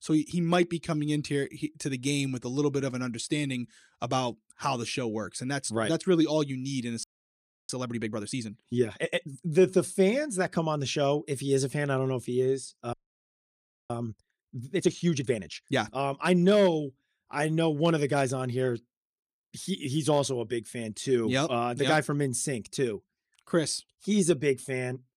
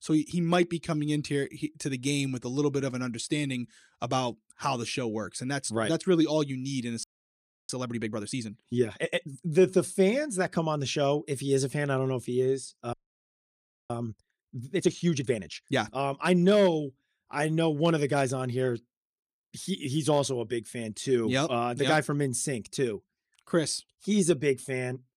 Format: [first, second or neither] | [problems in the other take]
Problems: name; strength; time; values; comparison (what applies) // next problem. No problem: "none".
neither | audio freezing; at 7 s for 0.5 s and at 13 s for 1 s; the same in both